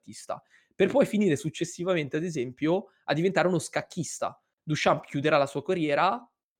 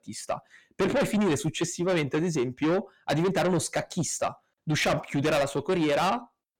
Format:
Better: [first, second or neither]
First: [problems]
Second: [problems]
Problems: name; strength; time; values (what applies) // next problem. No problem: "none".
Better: first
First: none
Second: distortion; heavy; 6 dB below the speech